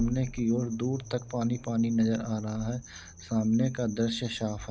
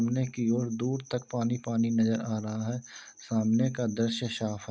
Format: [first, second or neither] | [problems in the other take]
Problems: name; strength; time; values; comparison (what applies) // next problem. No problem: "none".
second | background sound (Accelerating, revving, vroom); 16 dB below the speech